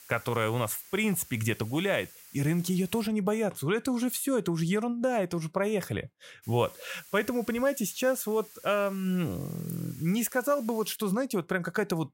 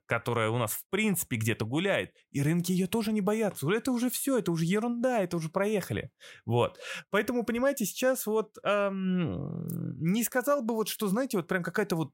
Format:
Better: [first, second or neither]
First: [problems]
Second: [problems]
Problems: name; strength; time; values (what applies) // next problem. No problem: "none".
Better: second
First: hiss; noticeable; until 3 s and from 6.5 to 11 s; 20 dB below the speech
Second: none